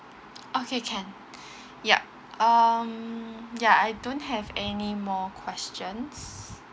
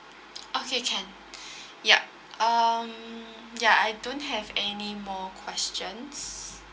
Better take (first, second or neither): first